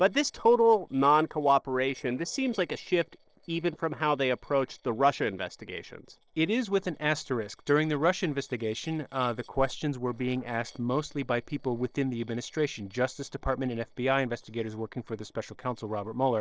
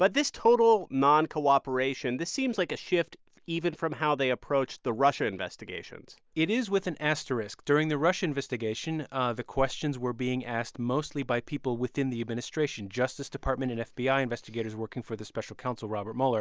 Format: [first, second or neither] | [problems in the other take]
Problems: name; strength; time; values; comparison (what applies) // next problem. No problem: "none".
second | noise reduction (neural separator model SepFormer DNS4)